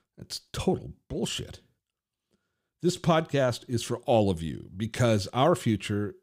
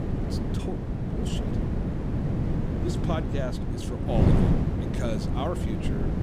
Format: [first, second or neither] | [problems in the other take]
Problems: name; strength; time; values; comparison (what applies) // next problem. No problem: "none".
first | wind noise on the microphone; heavy; 1 dB above the speech